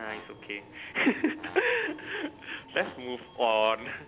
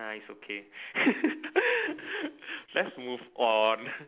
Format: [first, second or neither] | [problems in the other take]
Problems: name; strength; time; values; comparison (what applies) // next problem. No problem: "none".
second | background sound (Subway, metro, underground + Brass instrument); 19 dB below the speech